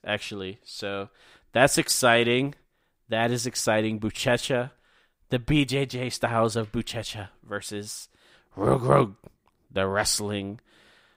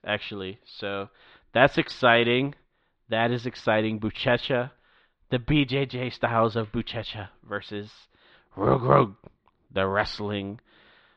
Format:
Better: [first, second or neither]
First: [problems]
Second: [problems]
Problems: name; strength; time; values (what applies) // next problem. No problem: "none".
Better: first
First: none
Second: muffled; slightly; fading above 4 kHz